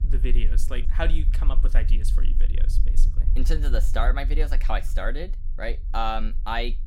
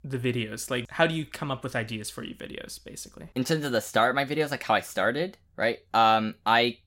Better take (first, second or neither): second